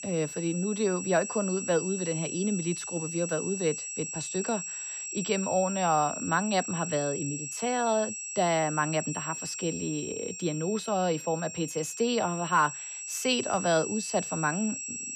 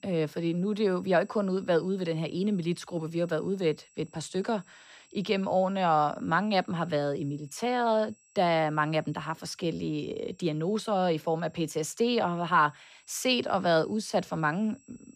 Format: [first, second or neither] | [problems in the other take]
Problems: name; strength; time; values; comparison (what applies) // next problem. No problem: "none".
second | high-pitched whine; loud; throughout; 7.5 kHz, 5 dB below the speech; faint in the second